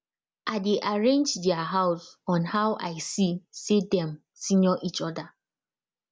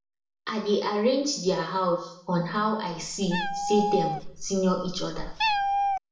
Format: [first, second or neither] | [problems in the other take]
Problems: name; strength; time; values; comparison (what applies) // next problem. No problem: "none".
first | background sound (Meow); 2 dB below the speech // room echo; dies away in 0.6 s